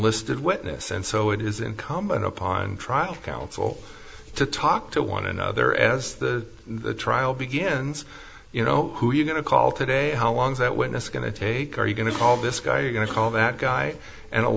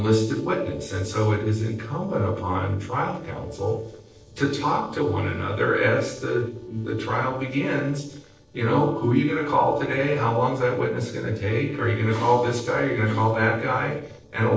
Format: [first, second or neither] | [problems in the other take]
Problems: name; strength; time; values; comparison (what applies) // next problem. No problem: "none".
first | noise reduction (neural separator model SepFormer DNS4)